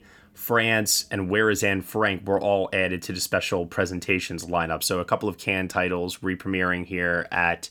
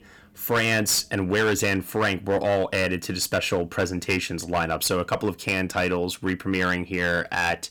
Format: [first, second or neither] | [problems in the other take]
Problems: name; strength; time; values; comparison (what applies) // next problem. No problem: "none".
first | distortion; slight; 7% of the sound clipped